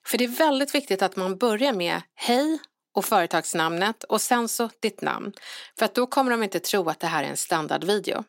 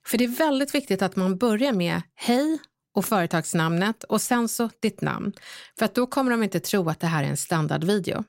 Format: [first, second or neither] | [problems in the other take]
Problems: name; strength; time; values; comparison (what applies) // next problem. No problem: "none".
second | thin; somewhat; fading below 250 Hz